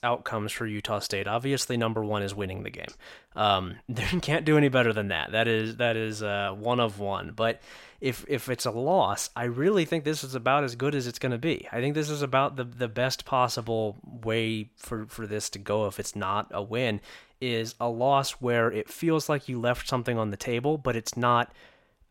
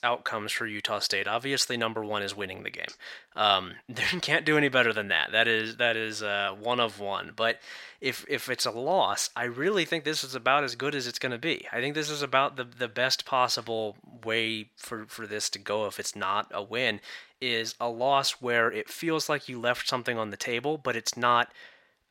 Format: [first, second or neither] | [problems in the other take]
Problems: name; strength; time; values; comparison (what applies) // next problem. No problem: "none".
first | thin; very slightly; fading below 700 Hz